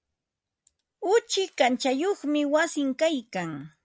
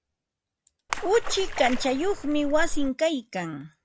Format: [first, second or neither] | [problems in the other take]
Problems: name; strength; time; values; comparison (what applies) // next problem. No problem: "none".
first | background sound (Splash, splatter); 1 dB below the speech